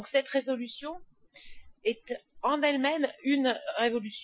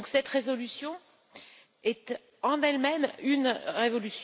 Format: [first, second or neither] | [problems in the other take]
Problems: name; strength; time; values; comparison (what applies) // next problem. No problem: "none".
second | noise reduction (classical method Wiener filter)